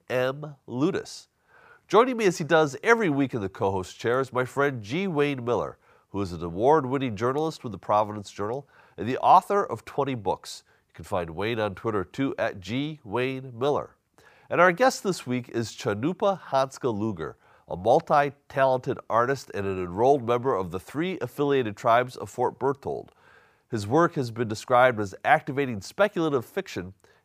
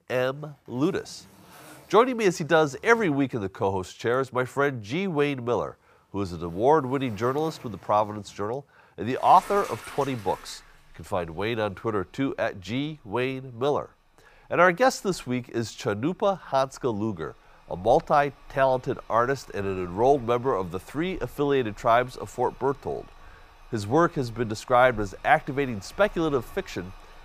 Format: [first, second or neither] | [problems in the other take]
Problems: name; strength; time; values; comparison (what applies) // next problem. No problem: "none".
first | household noises; faint; throughout; 25 dB below the speech